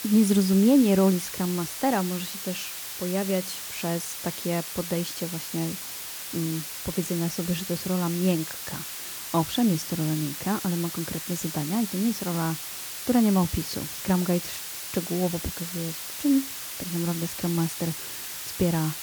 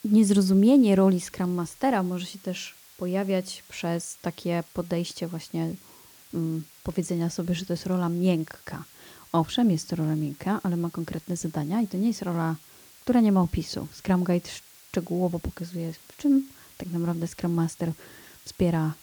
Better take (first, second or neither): second